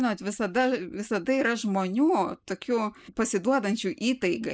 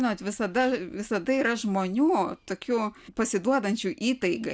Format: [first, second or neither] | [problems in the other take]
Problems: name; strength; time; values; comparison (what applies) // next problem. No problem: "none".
second | noise reduction (neural mask model Resemble Enhance denoiser)